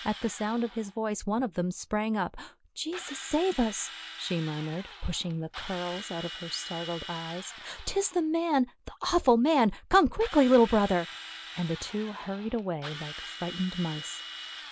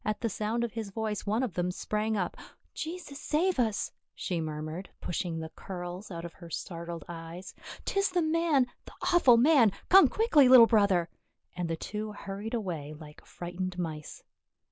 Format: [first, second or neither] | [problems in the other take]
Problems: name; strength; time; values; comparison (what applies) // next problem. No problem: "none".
second | background sound (Drill); 14 dB below the speech